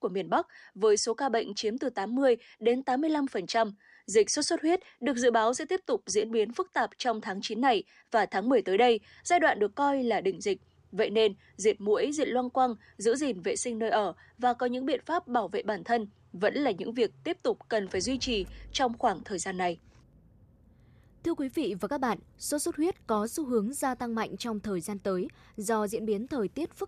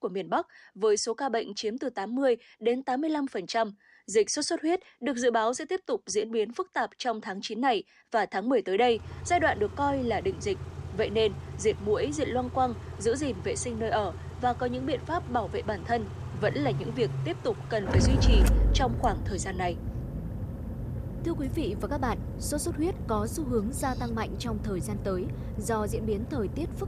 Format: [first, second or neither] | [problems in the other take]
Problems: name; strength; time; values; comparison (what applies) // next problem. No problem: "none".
first | traffic noise; loud; from 9 s on; 4 dB below the speech; faint in the first